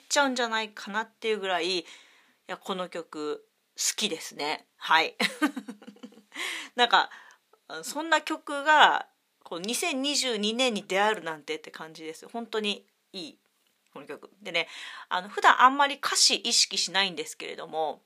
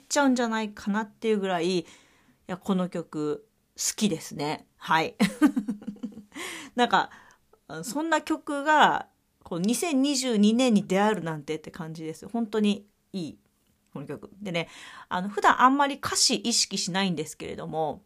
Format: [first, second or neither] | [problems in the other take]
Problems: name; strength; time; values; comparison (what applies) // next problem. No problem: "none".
second | thin; somewhat; fading below 400 Hz